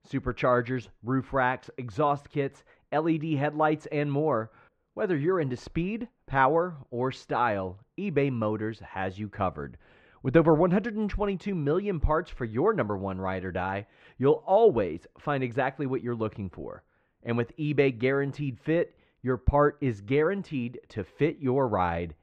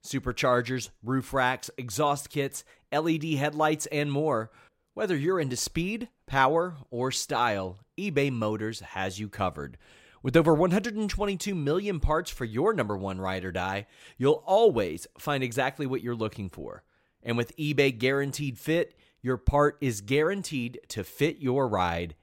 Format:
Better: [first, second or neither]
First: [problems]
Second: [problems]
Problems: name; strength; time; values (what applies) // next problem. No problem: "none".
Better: second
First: muffled; very; fading above 2 kHz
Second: none